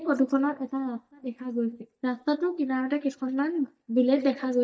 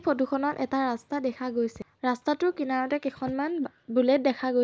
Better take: second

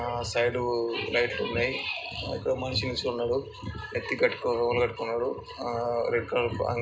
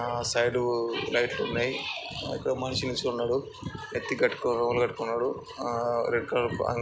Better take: second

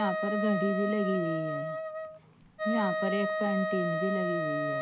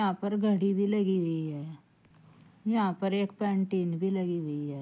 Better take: second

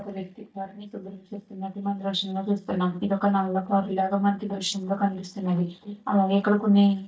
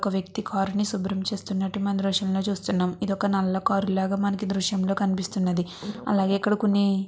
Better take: second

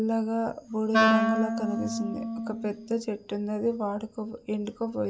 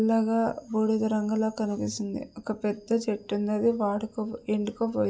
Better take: second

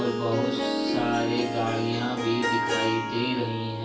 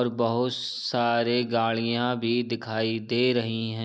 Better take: second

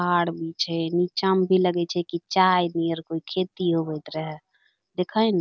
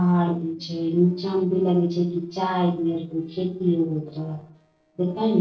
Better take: first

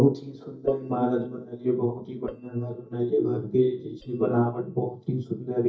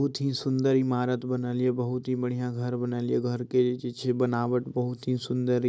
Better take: second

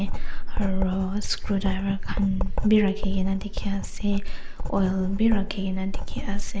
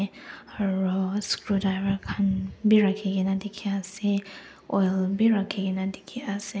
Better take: second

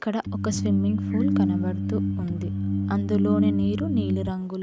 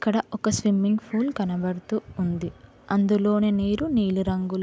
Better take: second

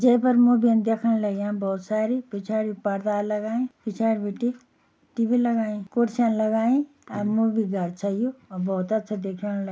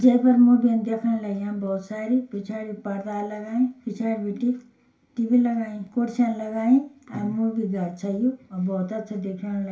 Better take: first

